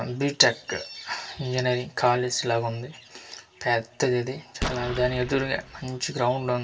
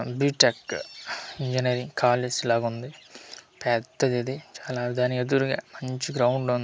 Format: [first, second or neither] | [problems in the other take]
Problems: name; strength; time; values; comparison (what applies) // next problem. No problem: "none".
second | background sound (Explosion); 8 dB below the speech // room echo; dies away in 0.2 s